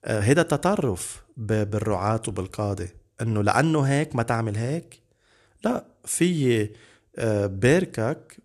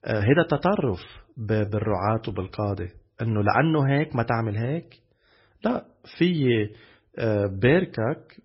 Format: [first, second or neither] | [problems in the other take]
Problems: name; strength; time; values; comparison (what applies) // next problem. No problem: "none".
first | garbled, watery; badly; nothing above 5.5 kHz